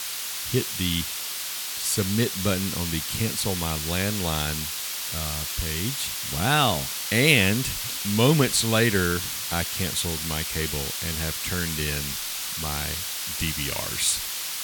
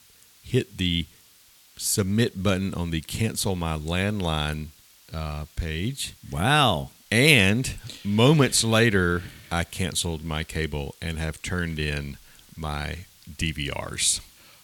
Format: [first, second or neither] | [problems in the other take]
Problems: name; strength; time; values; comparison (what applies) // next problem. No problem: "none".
second | hiss; loud; throughout; 2 dB below the speech; faint in the second